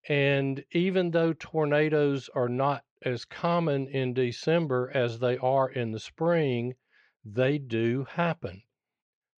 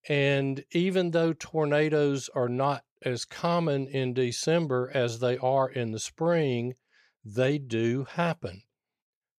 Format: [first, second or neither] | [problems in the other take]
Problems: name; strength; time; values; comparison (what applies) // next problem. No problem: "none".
second | muffled; slightly; fading above 3 kHz